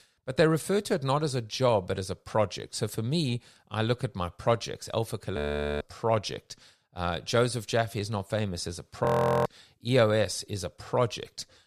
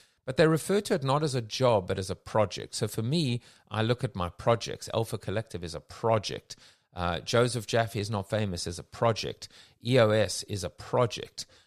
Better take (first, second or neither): second